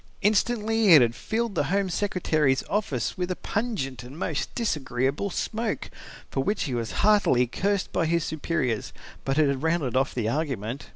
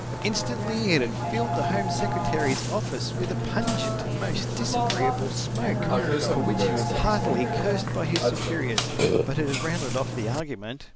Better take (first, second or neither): first